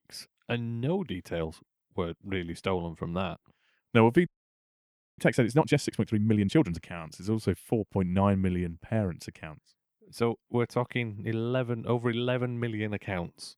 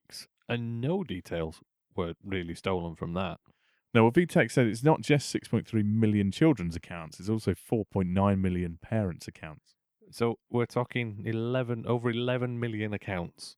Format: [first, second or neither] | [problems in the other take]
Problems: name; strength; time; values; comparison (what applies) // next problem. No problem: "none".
second | audio freezing; at 4.5 s for 1 s